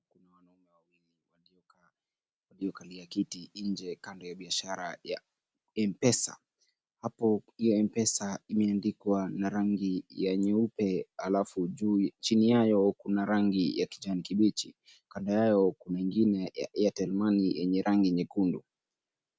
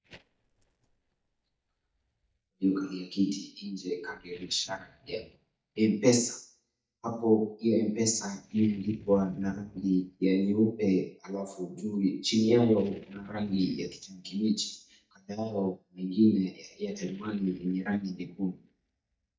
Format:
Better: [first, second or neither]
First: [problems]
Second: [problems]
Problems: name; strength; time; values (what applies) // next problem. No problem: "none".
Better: first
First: none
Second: noise reduction (neural mask model DeepFilterNet 3)